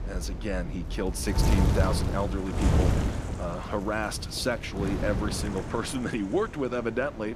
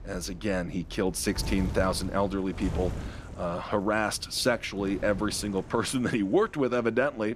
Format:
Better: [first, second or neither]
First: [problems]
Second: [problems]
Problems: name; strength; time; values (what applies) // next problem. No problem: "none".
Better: second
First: wind noise on the microphone; heavy; 6 dB below the speech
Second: wind noise on the microphone; occasional gusts; 20 dB below the speech